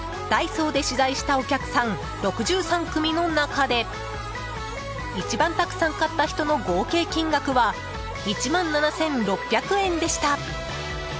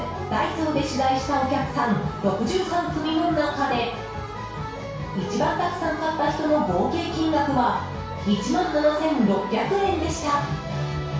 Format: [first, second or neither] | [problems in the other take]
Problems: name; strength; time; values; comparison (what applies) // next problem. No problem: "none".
first | room echo; dies away in 0.6 s